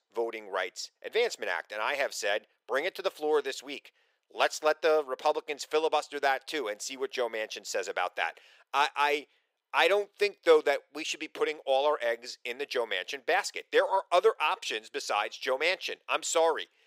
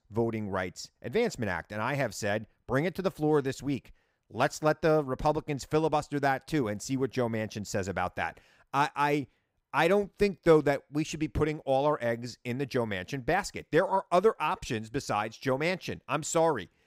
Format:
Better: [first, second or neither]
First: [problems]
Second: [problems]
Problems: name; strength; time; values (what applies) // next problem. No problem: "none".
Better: second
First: thin; very; fading below 450 Hz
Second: none